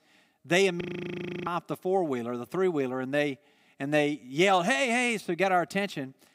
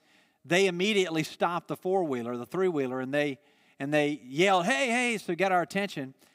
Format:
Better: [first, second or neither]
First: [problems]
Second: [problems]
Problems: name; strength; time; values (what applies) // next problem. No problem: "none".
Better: second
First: audio freezing; at 1 s for 0.5 s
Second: none